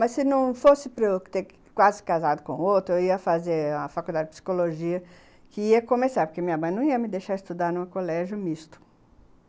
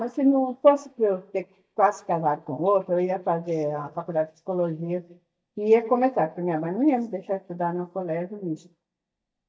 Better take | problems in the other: first | noise reduction (neural mask model DeepFilterNet 3)

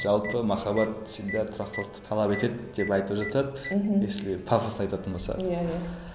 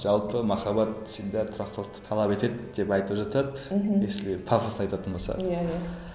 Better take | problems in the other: second | background sound (Telephone); 15 dB below the speech

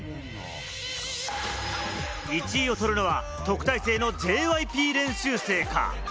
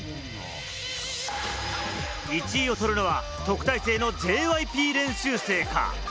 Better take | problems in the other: first | background sound (Tools); 17 dB below the speech

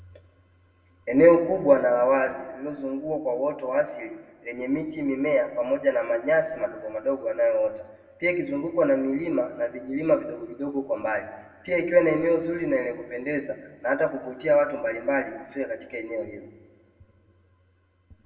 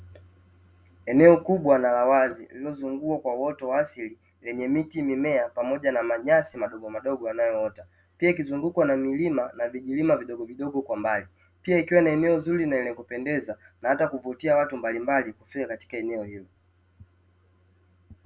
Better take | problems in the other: second | room echo; dies away in 1.4 s

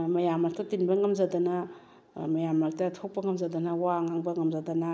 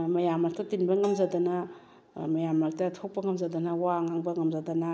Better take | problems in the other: first | background sound (Bell); 18 dB below the speech

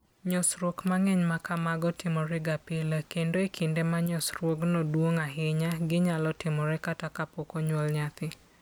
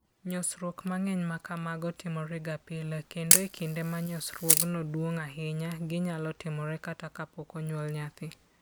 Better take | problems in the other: first | background sound (Camera); 5 dB above the speech

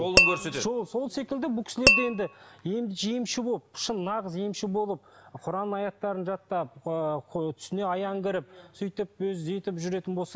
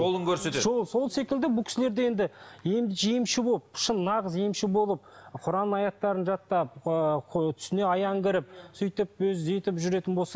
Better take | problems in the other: second | background sound (Tap / Glass); 4 dB above the speech

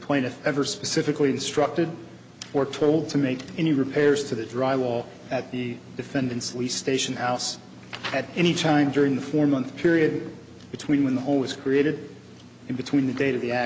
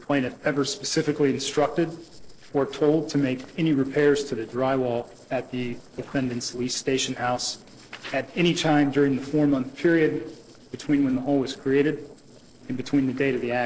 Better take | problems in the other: first | noise reduction (neural separator model SepFormer DNS4)

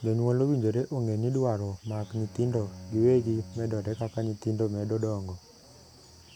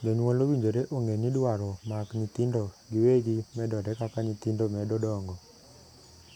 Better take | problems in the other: second | background sound (Bowed string instrument); 19 dB below the speech

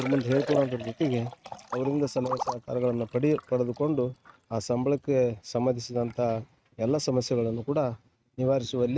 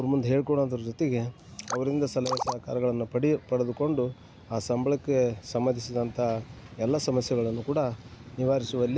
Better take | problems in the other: second | noise reduction (neural mask model RNNoise)

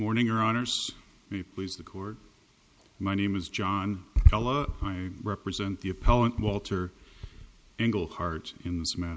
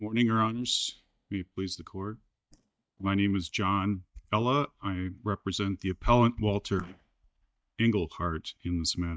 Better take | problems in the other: first | noise reduction (neural mask model DeepFilterNet 3)

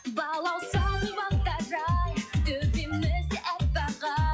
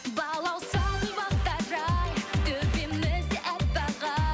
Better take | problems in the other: second | noise reduction (classical method log-MMSE)

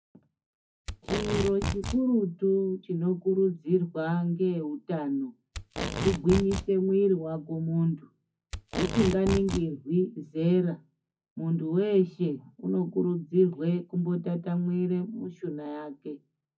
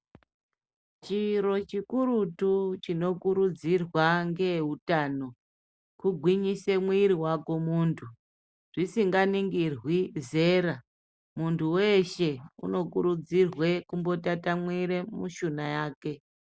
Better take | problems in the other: second | noise reduction (classical method WPE with log-MMSE)

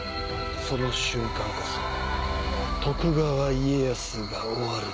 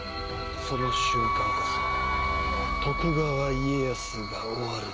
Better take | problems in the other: first | background sound (Wind instrument, woodwind instrument); 2 dB below the speech

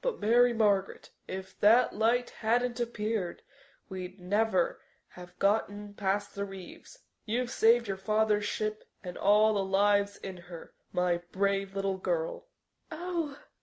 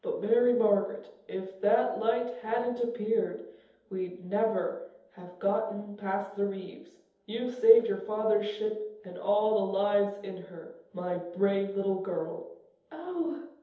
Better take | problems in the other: first | room echo; dies away in 0.8 s

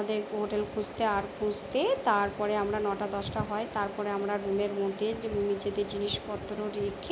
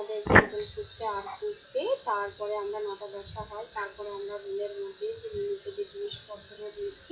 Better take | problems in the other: first | noise reduction (classical method WPE with log-MMSE)

